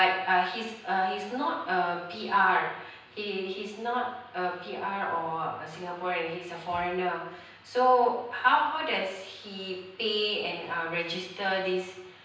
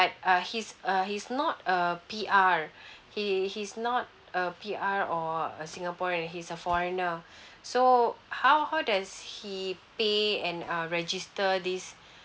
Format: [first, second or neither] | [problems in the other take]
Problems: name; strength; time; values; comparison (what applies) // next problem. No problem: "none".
second | room echo; dies away in 0.9 s